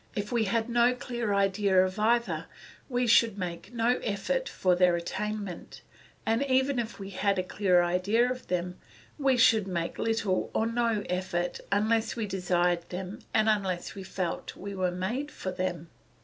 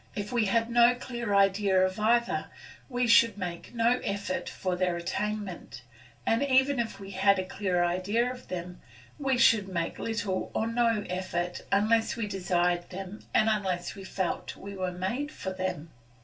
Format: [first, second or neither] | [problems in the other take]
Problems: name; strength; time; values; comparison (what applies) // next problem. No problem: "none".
first | room echo; dies away in 0.2 s